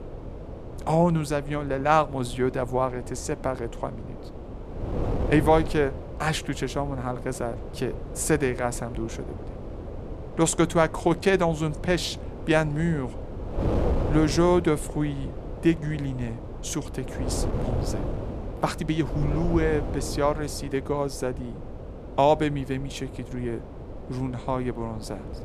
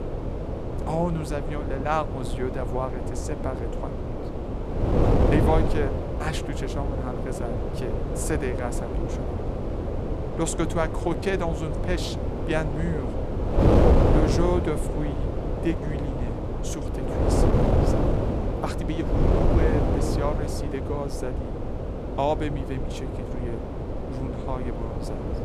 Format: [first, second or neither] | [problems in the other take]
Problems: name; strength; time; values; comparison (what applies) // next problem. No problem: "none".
first | wind noise on the microphone; heavy; as loud as the speech; occasional gusts in the first